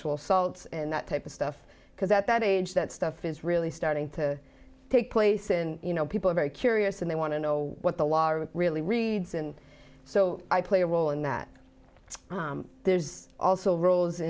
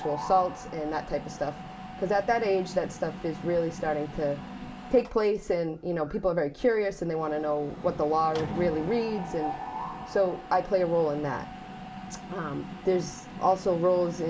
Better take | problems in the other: first | background sound (Mechanisms); 12 dB below the speech // room echo; dies away in 0.2 s

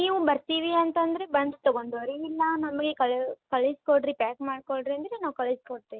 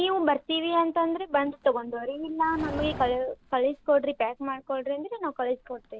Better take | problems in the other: first | background sound (Livestock, farm animals, working animals); 17 dB below the speech

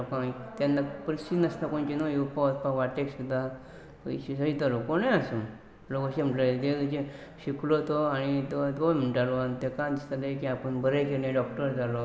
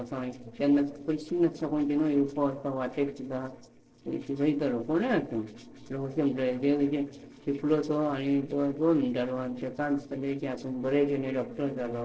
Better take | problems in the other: first | noise reduction (neural separator model SepFormer DNS4)

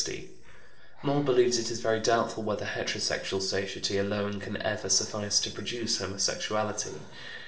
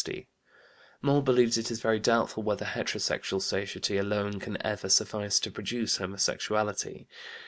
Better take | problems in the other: second | noise reduction (neural separator model SepFormer DNS4)

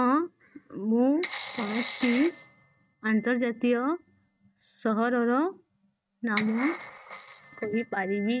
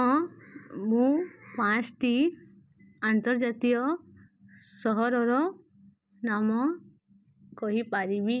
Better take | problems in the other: second | noise reduction (neural mask model RNNoise)

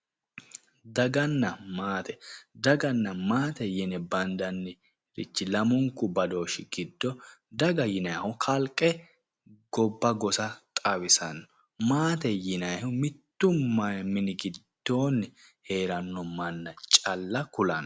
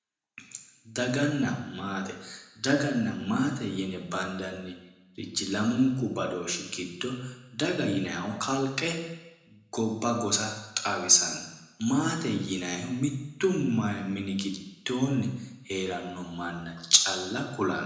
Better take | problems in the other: first | room echo; dies away in 0.9 s

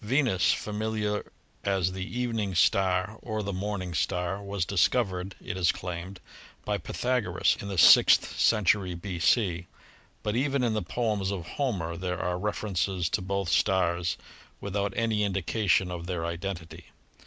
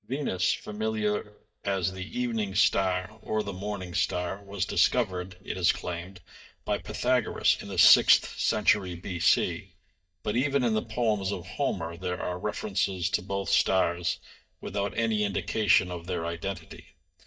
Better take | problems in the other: first | noise reduction (neural mask model DeepFilterNet 3)

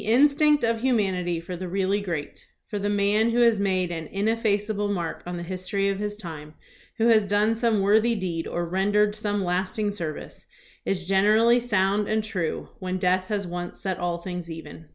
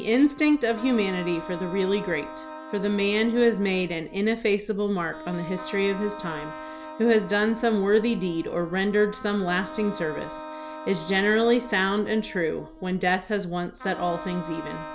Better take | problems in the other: first | background sound (Wind instrument, woodwind instrument + Trumpet); 14 dB below the speech

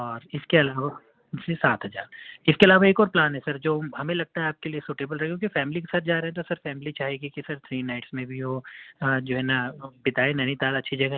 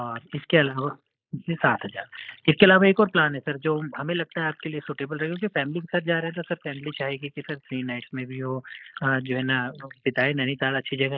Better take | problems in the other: first | noise reduction (neural mask model Resemble Enhance denoiser)

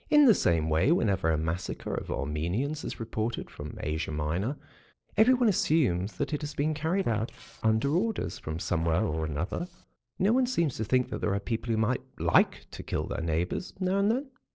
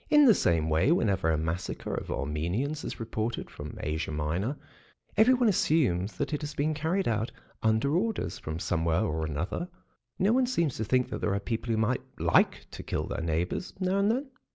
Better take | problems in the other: second | noise reduction (neural separator model SepFormer DNS4)

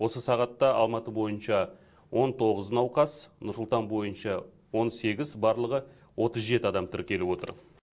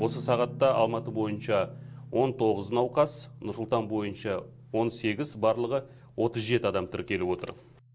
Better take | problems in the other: first | background sound (Guitar); 15 dB below the speech

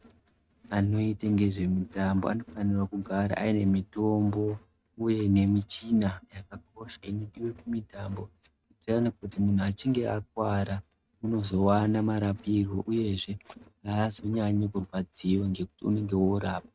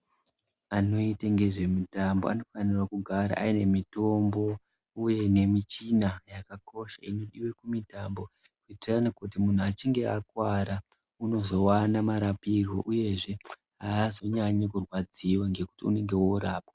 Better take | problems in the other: second | noise reduction (neural mask model RNNoise)

